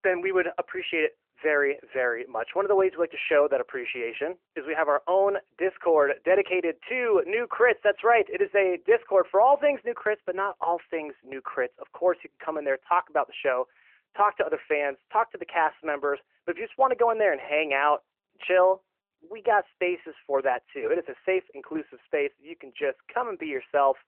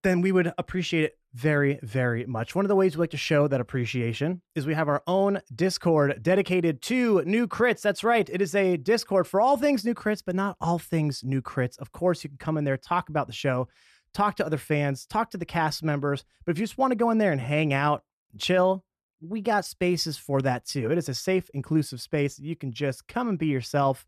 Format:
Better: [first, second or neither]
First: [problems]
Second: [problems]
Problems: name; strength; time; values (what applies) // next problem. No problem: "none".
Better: second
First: phone-call audio; nothing above 3 kHz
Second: none